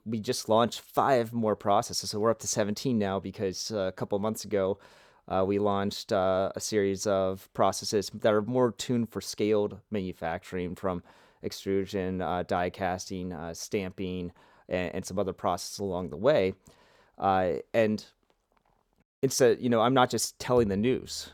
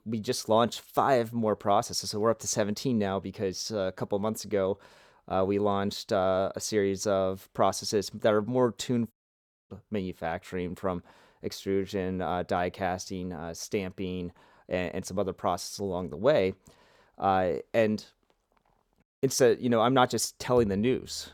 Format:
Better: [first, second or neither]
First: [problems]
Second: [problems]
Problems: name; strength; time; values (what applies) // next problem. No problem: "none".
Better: first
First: none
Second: audio cutting out; at 9 s for 0.5 s